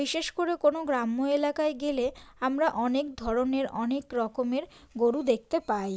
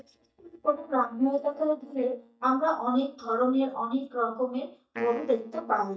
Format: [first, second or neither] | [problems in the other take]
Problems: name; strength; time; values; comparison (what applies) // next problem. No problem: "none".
first | noise reduction (neural mask model DeepFilterNet 3)